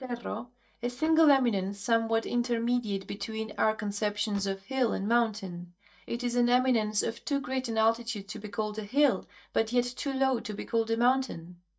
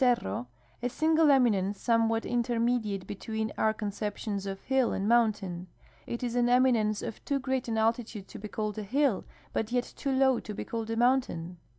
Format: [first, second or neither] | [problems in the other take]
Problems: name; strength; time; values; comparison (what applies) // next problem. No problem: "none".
second | noise reduction (neural mask model DeepFilterNet 3)